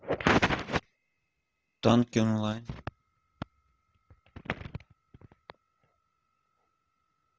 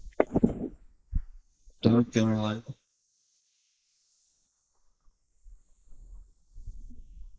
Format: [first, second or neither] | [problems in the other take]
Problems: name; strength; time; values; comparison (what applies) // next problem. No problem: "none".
first | noise reduction (neural mask model Resemble Enhance denoiser)